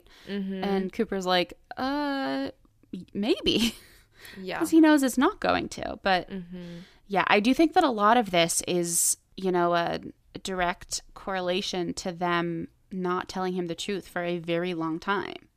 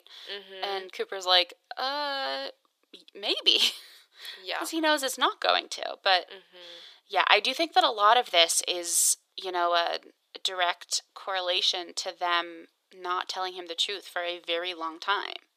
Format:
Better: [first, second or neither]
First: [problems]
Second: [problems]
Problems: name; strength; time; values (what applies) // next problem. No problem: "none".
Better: first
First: none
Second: thin; very; fading below 450 Hz